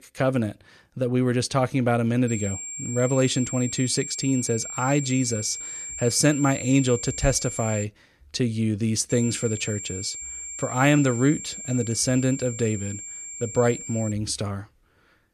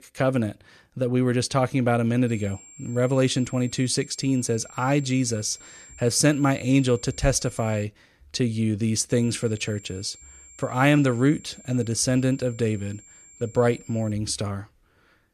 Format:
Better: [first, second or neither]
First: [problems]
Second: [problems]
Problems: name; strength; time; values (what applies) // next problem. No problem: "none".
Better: second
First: high-pitched whine; loud; from 2.5 to 8 s and from 9 to 14 s; 7.5 kHz, 8 dB below the speech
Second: high-pitched whine; faint; from 2.5 to 8 s and from 9 to 14 s; 7.5 kHz, 20 dB below the speech